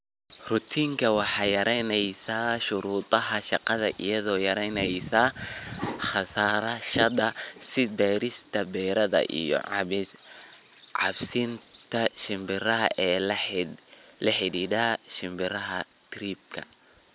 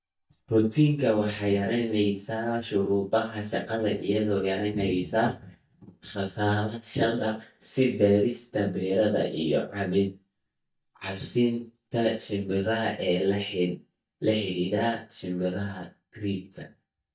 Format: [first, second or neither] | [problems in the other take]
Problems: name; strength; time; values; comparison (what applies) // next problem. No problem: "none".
first | noise reduction (neural mask model DeepFilterNet 3)